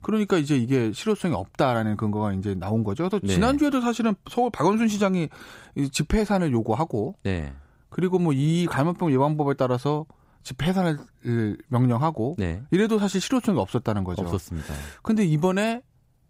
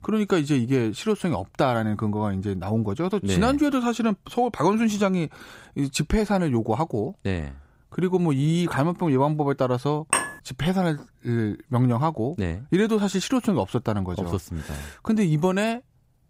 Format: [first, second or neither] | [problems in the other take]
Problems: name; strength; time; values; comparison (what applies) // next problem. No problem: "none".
first | clattering dishes; loud; at 10 s; peak level with the speech